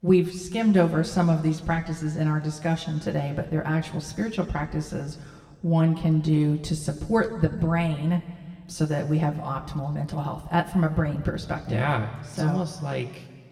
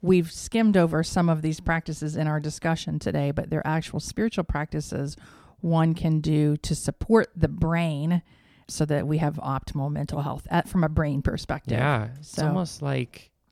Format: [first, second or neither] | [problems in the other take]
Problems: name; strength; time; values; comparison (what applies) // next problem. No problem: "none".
second | room echo; slight; dies away in 1.5 s